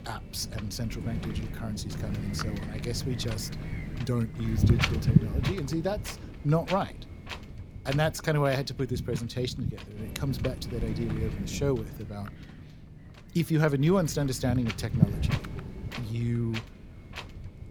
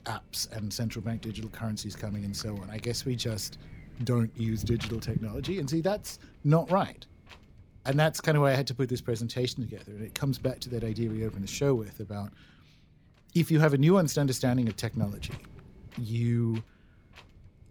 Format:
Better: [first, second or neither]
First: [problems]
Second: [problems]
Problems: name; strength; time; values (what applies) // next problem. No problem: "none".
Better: second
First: wind noise on the microphone; heavy; 6 dB below the speech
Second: wind noise on the microphone; occasional gusts; 20 dB below the speech